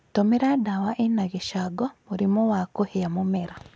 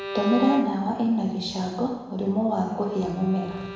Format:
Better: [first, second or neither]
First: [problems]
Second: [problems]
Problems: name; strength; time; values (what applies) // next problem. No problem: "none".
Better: first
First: none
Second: background sound (Bowed string instrument); 11 dB below the speech // room echo; dies away in 1 s